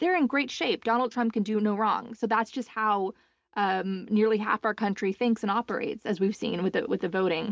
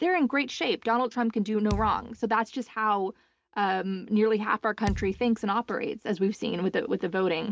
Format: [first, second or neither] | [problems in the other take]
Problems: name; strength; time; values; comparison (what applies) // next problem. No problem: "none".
first | background sound (Thump, thud); 11 dB below the speech